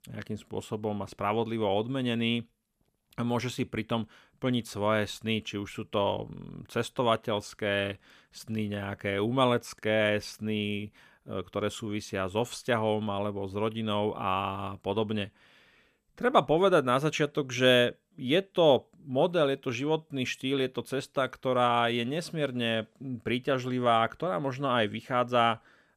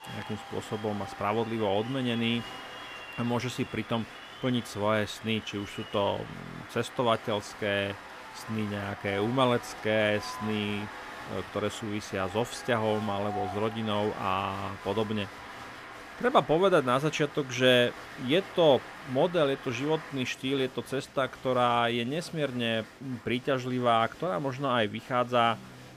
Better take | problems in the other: first | crowd noise; noticeable; throughout; 15 dB below the speech

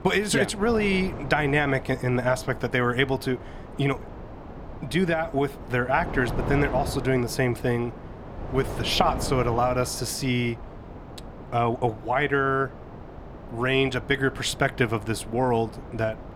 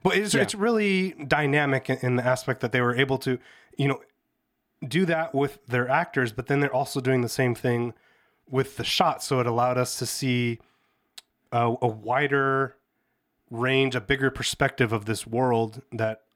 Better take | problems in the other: second | wind noise on the microphone; occasional gusts; 15 dB below the speech

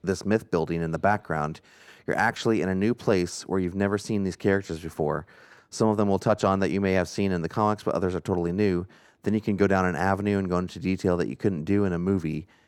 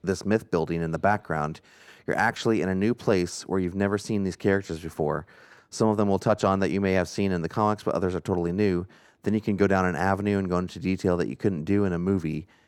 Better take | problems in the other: neither | none

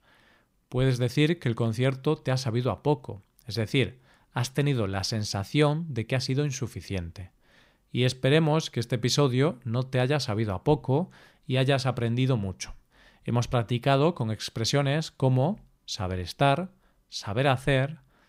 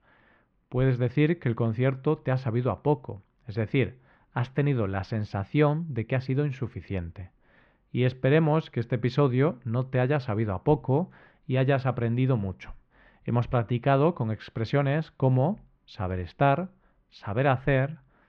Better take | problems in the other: first | muffled; very; fading above 2.5 kHz

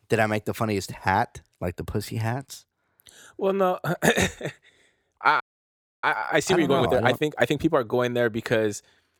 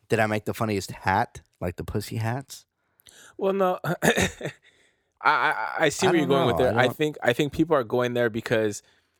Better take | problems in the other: second | audio freezing; at 5.5 s for 0.5 s

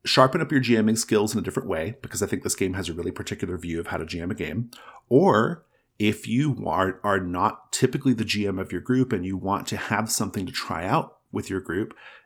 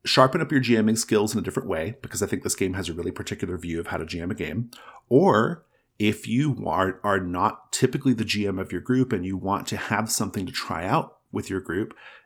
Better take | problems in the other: neither | none

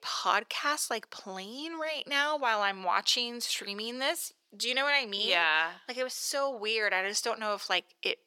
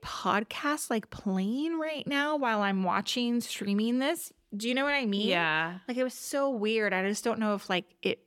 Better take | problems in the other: second | thin; very; fading below 600 Hz

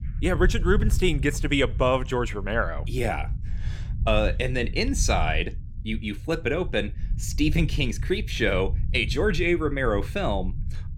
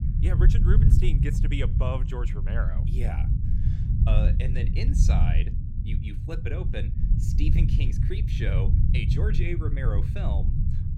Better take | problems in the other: first | low rumble; loud; throughout; 2 dB below the speech; faint in the first

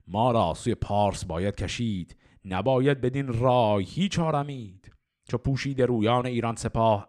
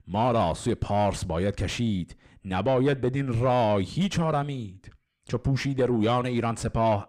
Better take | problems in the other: first | distortion; slight; 10 dB below the speech

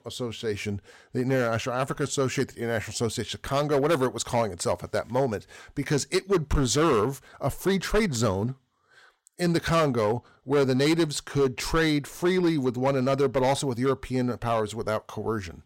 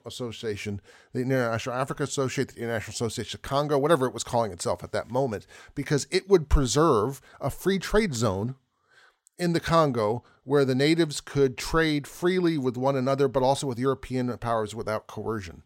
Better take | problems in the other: second | distortion; slight; 6% of the sound clipped

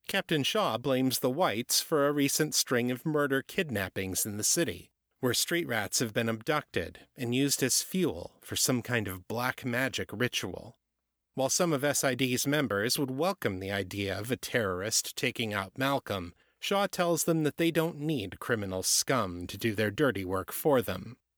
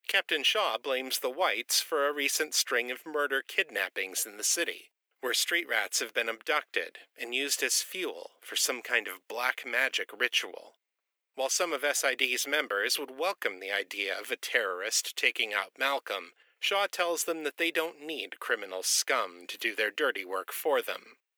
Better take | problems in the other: first | thin; very; fading below 400 Hz

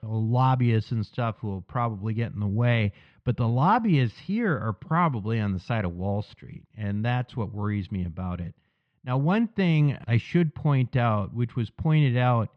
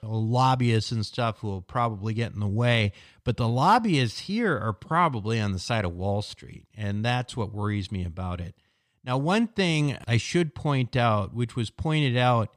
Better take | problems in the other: second | muffled; slightly; fading above 2 kHz

